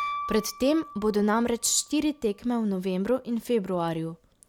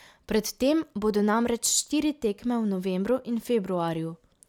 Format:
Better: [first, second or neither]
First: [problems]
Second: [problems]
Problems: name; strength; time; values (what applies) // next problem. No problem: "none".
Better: second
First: background sound (Piano); 14 dB below the speech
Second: none